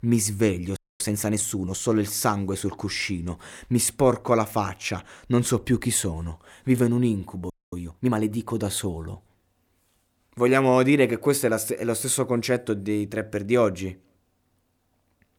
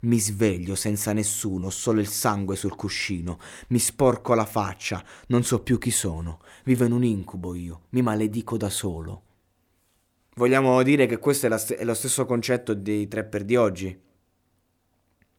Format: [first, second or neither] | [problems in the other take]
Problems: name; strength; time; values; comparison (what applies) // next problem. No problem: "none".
second | audio freezing; at 1 s and at 7.5 s